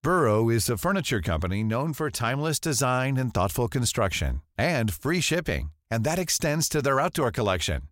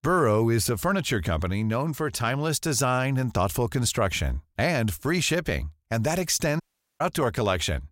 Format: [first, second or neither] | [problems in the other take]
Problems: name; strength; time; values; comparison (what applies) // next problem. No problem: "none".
first | audio cutting out; at 6.5 s